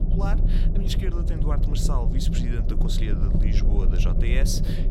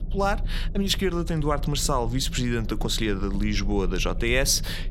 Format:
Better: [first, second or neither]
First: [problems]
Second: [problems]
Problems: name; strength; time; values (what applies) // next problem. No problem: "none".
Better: second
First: low rumble; loud; throughout; 3 dB below the speech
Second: low rumble; faint; throughout; 20 dB below the speech